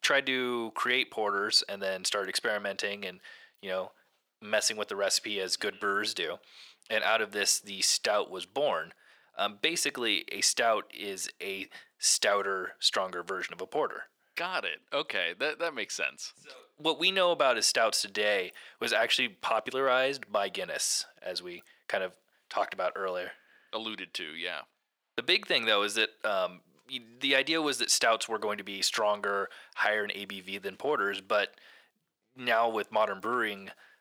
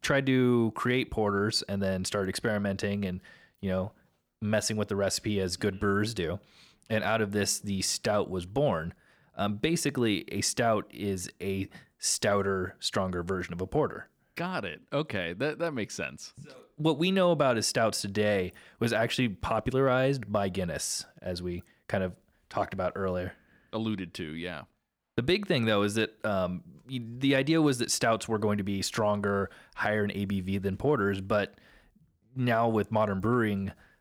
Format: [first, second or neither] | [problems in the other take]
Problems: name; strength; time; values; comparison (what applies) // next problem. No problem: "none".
second | thin; very; fading below 550 Hz